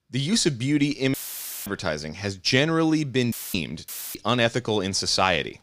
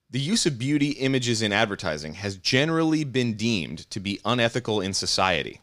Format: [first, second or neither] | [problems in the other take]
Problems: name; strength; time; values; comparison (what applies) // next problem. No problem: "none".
second | audio cutting out; filled with static; at 1 s for 0.5 s, at 3.5 s and at 4 s